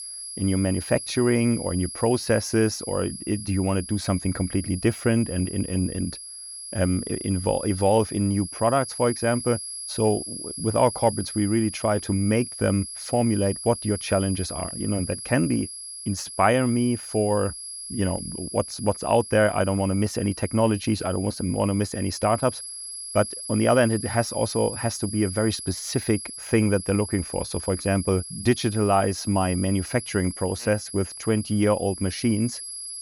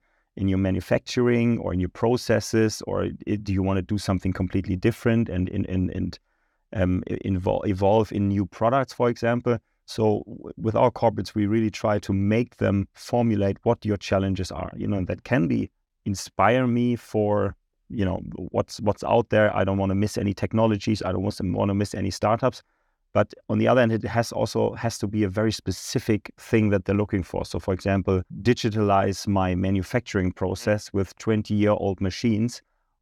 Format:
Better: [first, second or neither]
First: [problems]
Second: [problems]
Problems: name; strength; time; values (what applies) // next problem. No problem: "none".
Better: second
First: high-pitched whine; loud; throughout; 11 kHz, 9 dB below the speech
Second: none